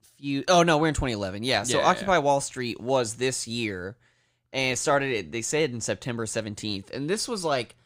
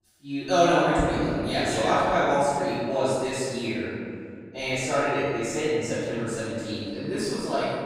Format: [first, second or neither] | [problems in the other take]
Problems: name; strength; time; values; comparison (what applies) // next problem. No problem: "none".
first | off-mic speech; far // room echo; strong; dies away in 2.2 s